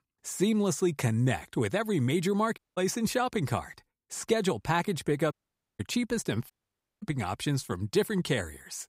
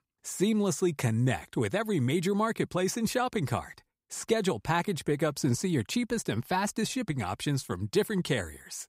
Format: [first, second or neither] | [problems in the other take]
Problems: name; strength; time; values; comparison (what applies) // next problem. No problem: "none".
second | audio cutting out; at 2.5 s, at 5.5 s and at 6.5 s for 0.5 s